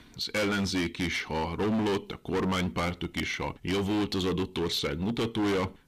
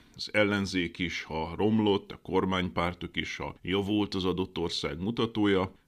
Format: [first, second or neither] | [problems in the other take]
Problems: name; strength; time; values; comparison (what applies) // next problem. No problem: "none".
second | distortion; heavy; 20% of the sound clipped